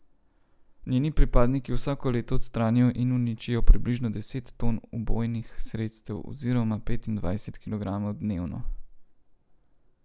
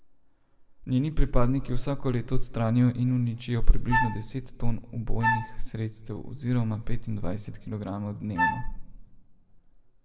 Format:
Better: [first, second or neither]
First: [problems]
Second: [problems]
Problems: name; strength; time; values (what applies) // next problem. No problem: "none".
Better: first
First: none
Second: background sound (Wind instrument, woodwind instrument); 5 dB below the speech // room echo; dies away in 1.3 s